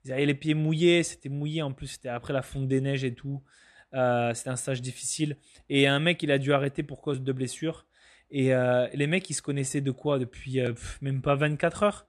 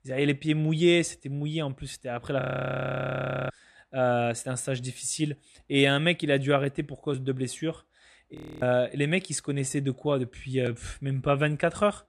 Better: first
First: none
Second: audio freezing; at 2.5 s for 1 s and at 8.5 s

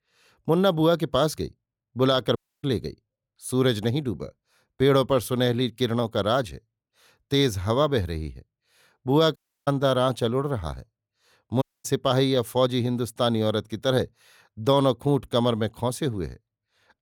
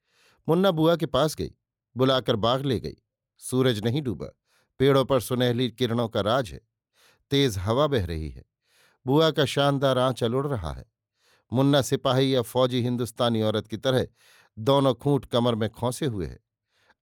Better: second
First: audio cutting out; at 2.5 s, at 9.5 s and at 12 s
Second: none

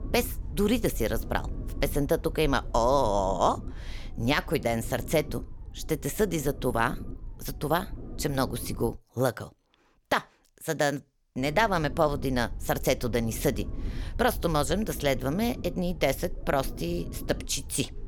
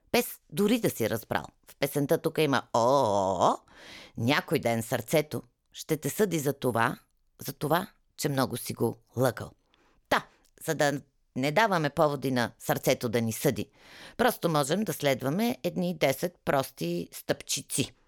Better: second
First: low rumble; faint; until 9 s and from 11 s on; 20 dB below the speech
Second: none

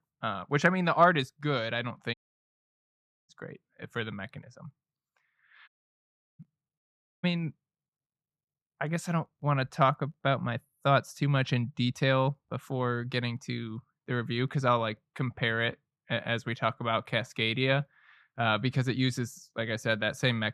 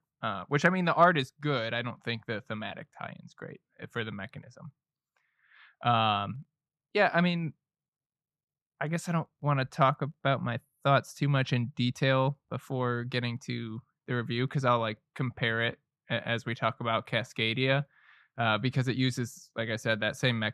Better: second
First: audio cutting out; at 2 s for 1 s, at 5.5 s for 0.5 s and at 7 s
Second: none

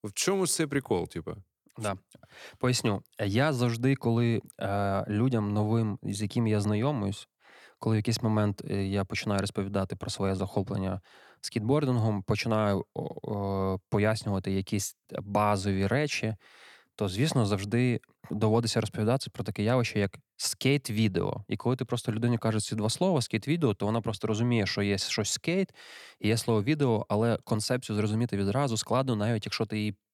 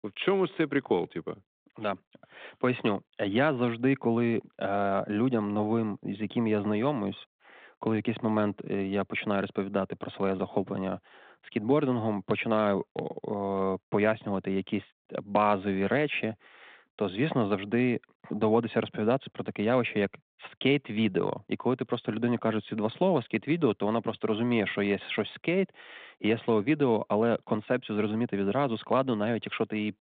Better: first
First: none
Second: phone-call audio; nothing above 3.5 kHz

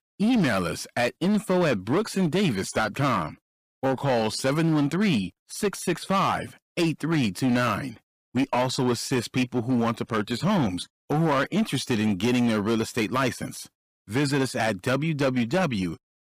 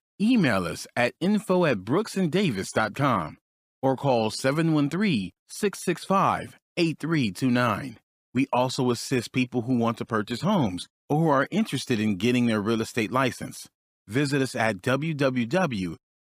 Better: second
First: distortion; slight; 12% of the sound clipped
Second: none

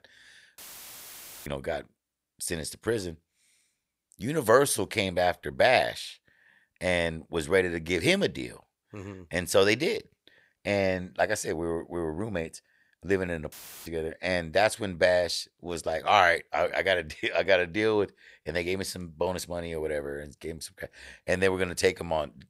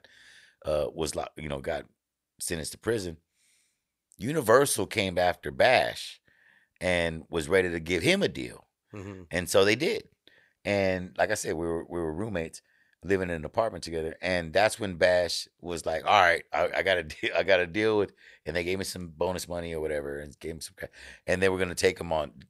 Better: second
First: audio cutting out; filled with static; at 0.5 s for 1 s and at 14 s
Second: none

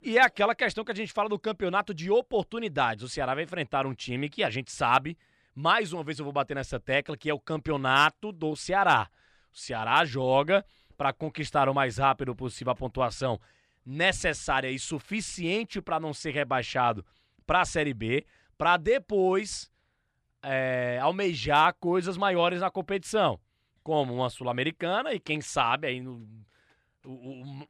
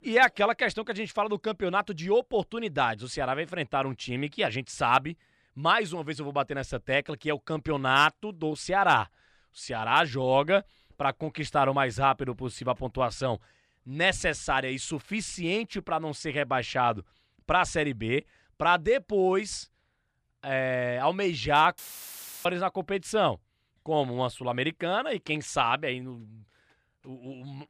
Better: first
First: none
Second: audio cutting out; filled with static; at 22 s for 0.5 s

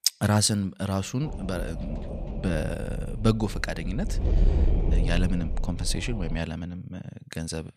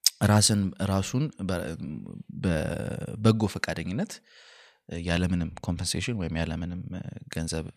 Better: second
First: wind noise on the microphone; occasional gusts; from 1 to 6.5 s; 10 dB below the speech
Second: none

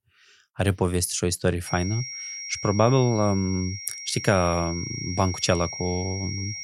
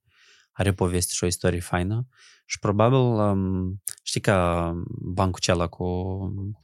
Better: second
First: high-pitched whine; loud; from 1.5 s on; 5.5 kHz, 8 dB below the speech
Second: none

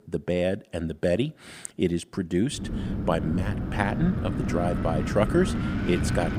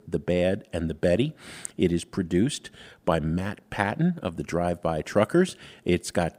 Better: second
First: wind noise on the microphone; heavy; from 2.5 s on; 6 dB below the speech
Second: none

